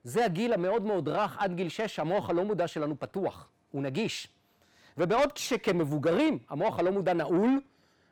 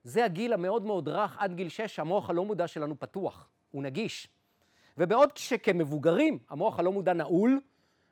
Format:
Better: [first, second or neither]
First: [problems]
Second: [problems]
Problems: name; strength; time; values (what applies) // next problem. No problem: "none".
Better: second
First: distortion; slight; 10 dB below the speech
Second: none